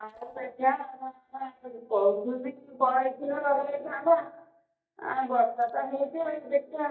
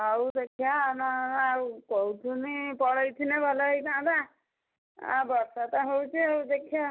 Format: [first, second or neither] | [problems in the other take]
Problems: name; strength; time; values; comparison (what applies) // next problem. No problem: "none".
second | noise reduction (neural mask model DeepFilterNet 3)